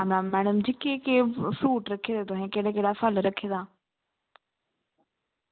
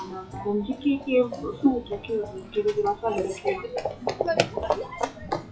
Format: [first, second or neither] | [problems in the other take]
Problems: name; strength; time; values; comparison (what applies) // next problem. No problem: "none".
first | noise reduction (classical method WPE with log-MMSE)